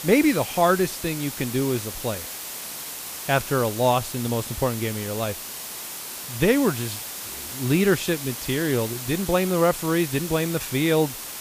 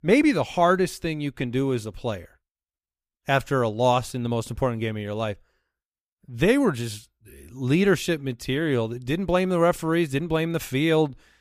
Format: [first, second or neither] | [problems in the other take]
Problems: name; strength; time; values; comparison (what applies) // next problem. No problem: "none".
second | hiss; loud; throughout; 8 dB below the speech